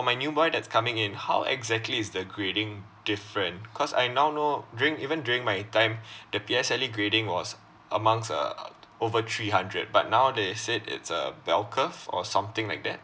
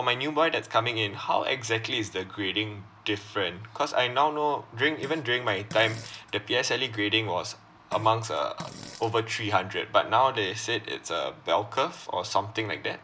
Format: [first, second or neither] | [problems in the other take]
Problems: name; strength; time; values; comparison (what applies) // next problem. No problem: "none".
first | background sound (Fart); 18 dB below the speech